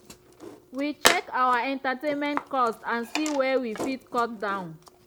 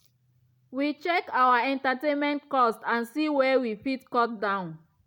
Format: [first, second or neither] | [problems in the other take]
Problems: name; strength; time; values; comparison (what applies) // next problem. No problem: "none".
second | background sound (Tools); 5 dB below the speech